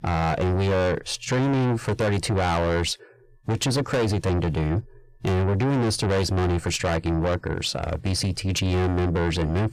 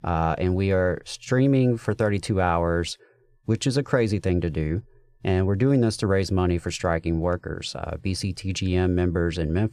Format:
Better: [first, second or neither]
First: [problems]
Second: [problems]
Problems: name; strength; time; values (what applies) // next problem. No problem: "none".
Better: second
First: distortion; heavy; 6 dB below the speech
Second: none